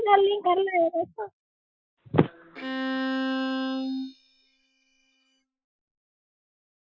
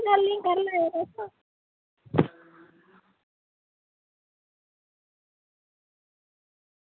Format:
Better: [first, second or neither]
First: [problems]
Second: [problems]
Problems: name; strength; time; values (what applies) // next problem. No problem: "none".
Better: second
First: noise reduction (classical method Wiener filter)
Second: none